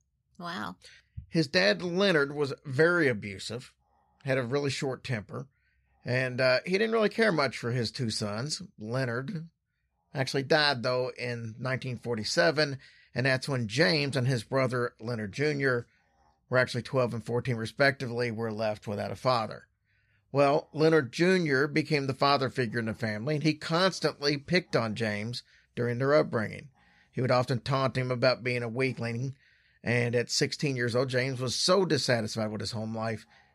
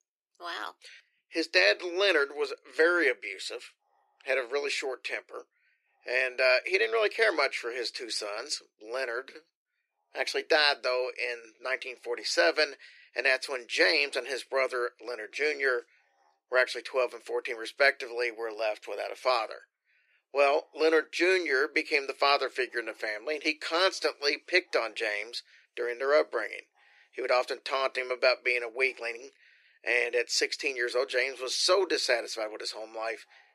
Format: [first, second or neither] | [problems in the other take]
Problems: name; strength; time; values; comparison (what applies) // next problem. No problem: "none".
first | thin; very; fading below 350 Hz